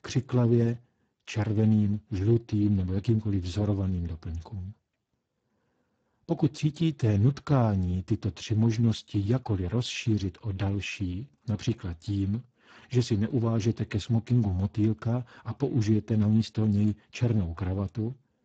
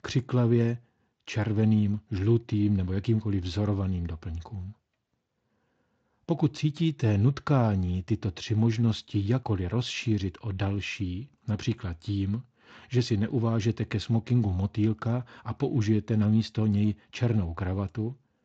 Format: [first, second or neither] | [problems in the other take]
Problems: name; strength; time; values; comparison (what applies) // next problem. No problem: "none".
second | garbled, watery; badly; nothing above 7.5 kHz; slightly in the second